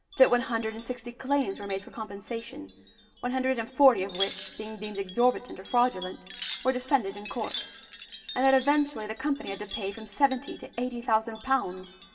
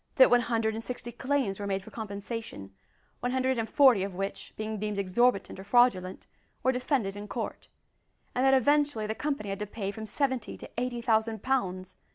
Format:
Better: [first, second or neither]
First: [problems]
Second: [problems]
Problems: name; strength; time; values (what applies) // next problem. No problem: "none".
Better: second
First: background sound (Wind chime); 16 dB below the speech // room echo; dies away in 1.4 s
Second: none